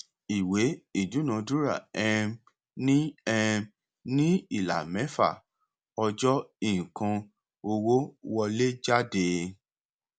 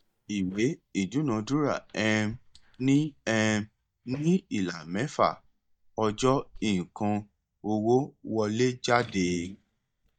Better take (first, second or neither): first